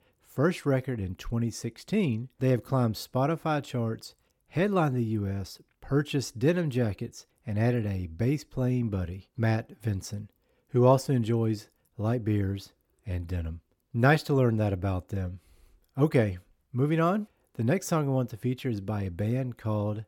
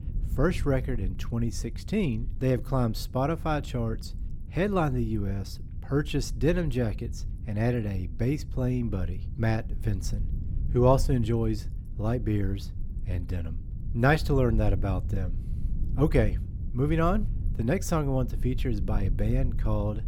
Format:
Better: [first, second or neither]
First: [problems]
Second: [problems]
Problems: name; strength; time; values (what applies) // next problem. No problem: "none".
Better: first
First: none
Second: low rumble; noticeable; throughout; 20 dB below the speech